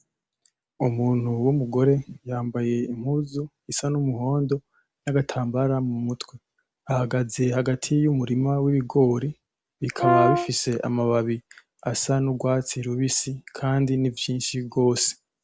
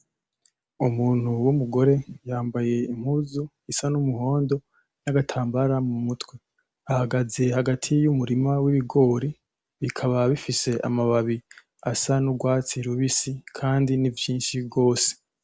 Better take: second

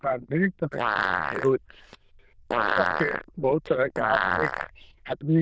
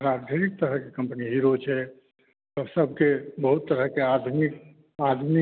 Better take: second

